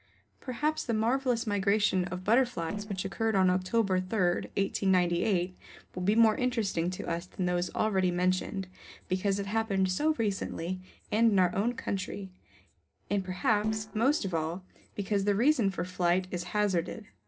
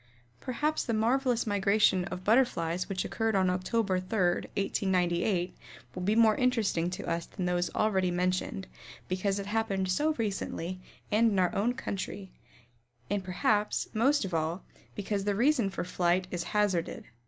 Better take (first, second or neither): second